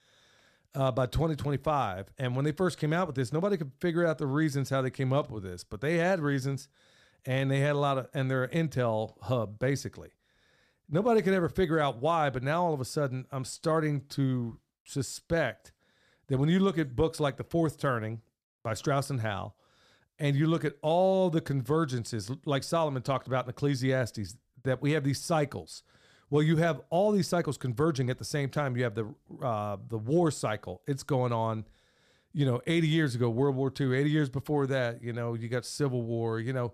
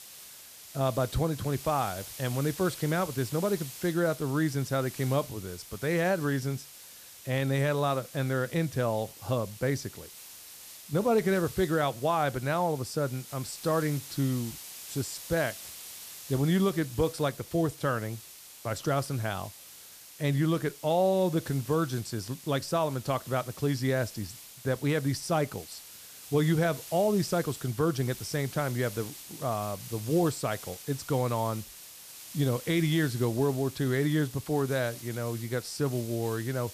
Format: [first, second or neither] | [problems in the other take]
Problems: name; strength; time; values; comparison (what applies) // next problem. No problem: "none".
first | hiss; noticeable; throughout; 15 dB below the speech